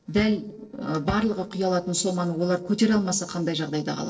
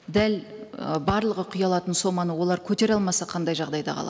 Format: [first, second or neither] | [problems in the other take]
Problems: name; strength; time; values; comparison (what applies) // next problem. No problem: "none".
second | noise reduction (neural separator model SepFormer DNS4)